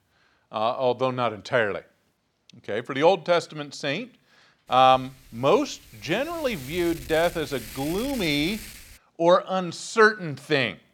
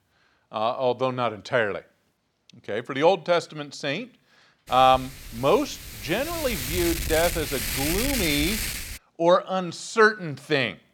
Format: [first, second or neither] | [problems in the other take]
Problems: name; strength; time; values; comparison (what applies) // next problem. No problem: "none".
first | wind noise on the microphone; heavy; from 4.5 to 9 s; 7 dB below the speech; occasional gusts in the first